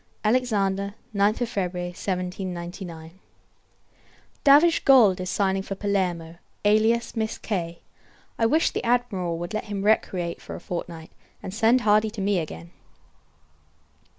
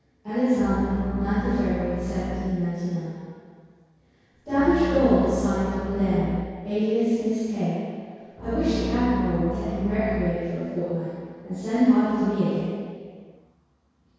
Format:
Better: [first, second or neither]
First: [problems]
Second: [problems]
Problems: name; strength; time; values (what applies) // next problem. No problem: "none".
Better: first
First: none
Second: background sound (Bowed string instrument); 6 dB below the speech // room echo; dies away in 2 s